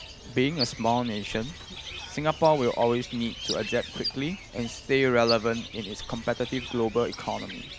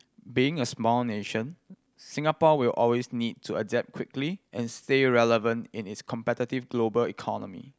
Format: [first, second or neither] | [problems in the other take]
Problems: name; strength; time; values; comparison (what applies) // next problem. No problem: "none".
second | background sound (Bird); 11 dB below the speech